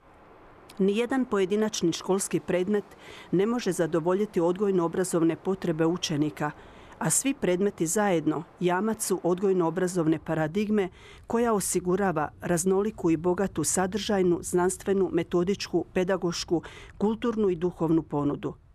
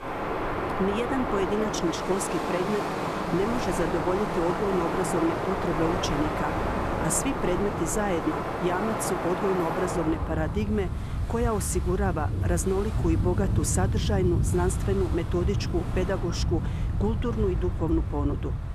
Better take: first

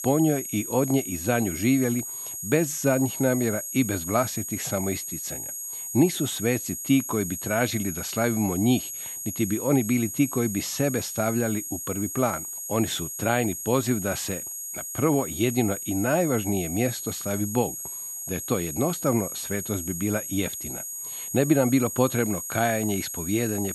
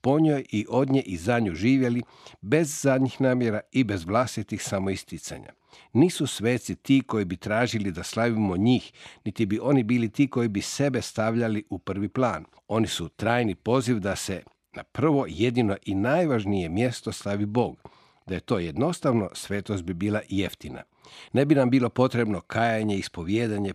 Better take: second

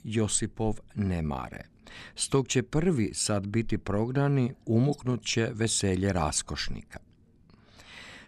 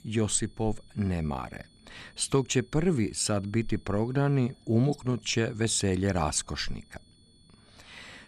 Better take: first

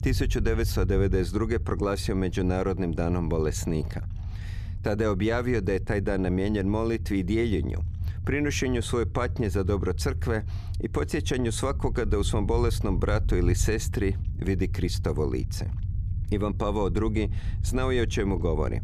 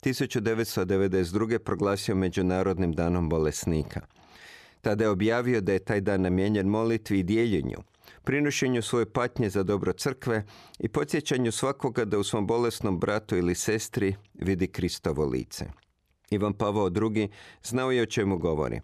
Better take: second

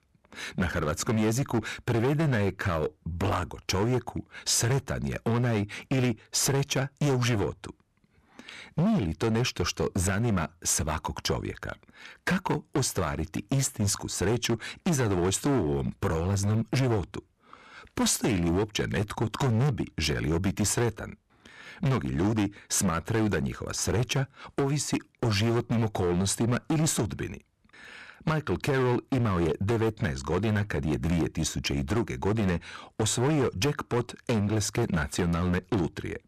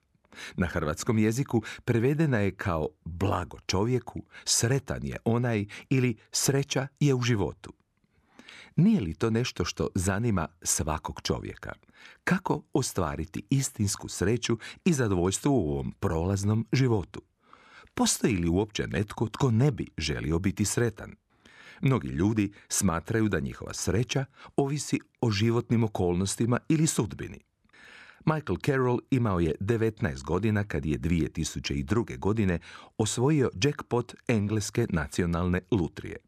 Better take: second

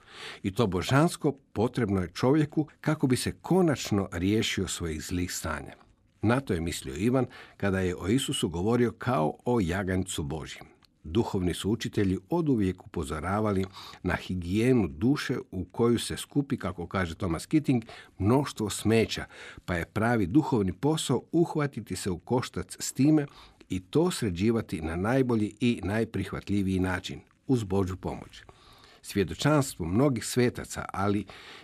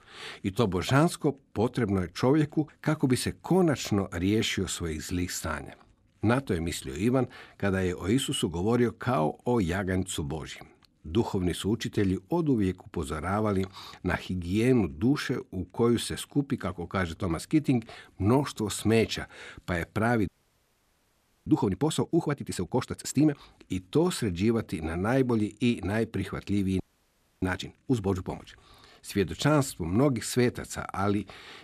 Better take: first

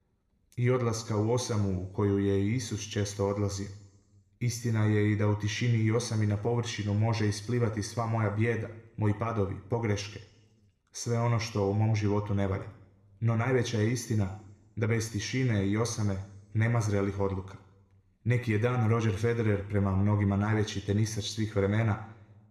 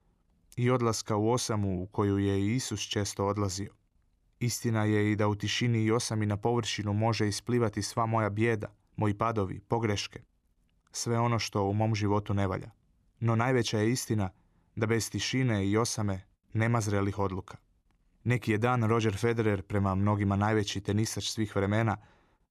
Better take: second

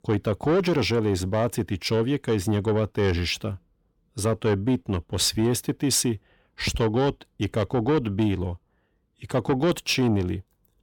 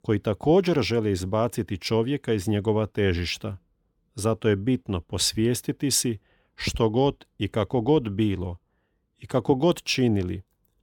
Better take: second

